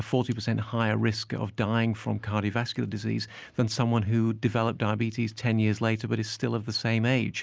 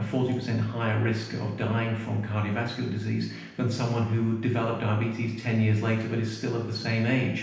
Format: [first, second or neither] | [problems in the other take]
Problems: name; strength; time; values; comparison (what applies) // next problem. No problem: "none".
first | room echo; dies away in 0.9 s